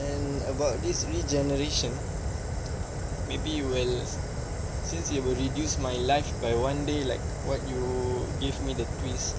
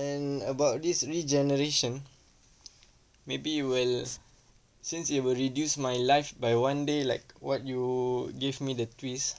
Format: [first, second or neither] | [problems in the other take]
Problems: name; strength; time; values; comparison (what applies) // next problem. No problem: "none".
second | background sound (Fire); 1 dB below the speech